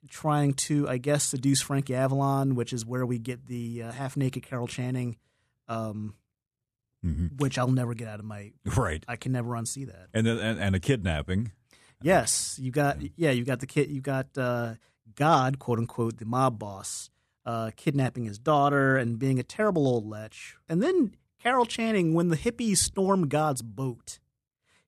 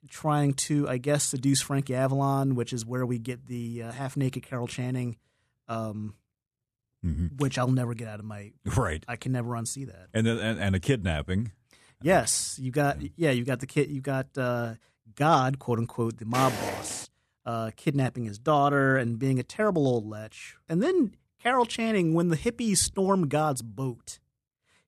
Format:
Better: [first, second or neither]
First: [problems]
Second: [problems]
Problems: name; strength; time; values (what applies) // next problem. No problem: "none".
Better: first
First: none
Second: footsteps; noticeable; at 16 s; peak 4 dB below the speech